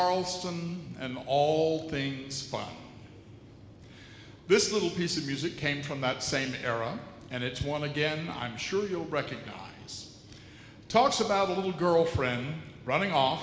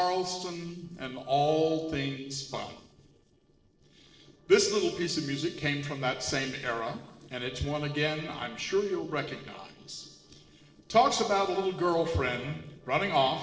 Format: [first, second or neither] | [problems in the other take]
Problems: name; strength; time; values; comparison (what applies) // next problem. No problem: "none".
first | noise reduction (neural separator model SepFormer DNS4)